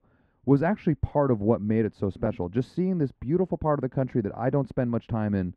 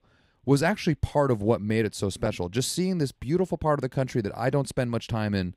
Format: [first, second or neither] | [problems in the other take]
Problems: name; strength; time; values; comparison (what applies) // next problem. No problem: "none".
second | muffled; very; fading above 3.5 kHz